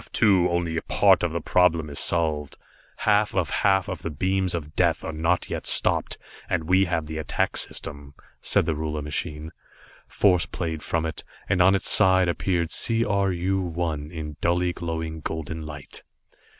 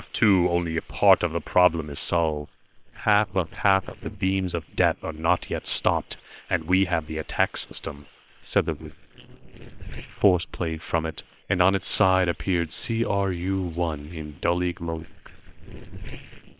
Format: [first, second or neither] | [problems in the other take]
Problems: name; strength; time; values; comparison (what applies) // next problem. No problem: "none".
first | noise reduction (neural separator model SepFormer WHAM!)